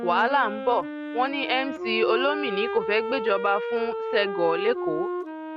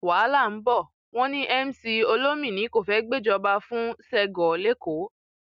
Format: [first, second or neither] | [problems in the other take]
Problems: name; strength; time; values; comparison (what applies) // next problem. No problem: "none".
second | background sound (Wind instrument, woodwind instrument); 5 dB below the speech